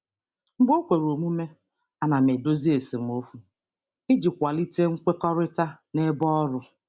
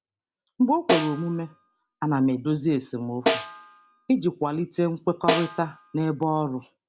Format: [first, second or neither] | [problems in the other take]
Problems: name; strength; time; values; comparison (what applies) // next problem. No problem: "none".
first | background sound (Snare drum); 4 dB below the speech